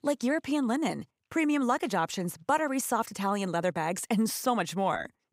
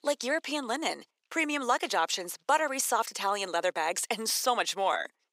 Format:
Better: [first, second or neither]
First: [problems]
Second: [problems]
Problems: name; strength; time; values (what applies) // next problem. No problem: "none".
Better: first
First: none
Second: thin; somewhat; fading below 400 Hz